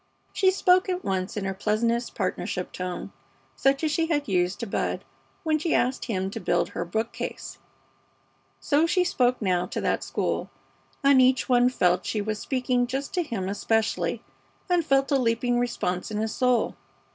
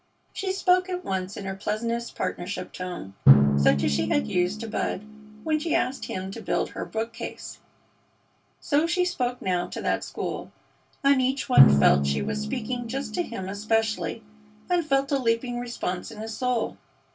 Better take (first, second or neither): first